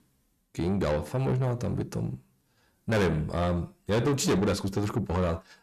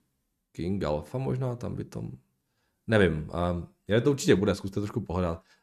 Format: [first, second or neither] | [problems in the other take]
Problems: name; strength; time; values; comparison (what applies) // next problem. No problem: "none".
second | distortion; heavy; 6 dB below the speech